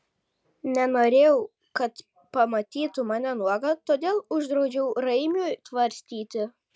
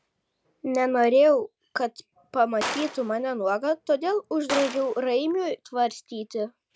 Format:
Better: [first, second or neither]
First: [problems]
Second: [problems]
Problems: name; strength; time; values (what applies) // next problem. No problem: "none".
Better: first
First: none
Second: background sound (Gunshot, gunfire); 11 dB below the speech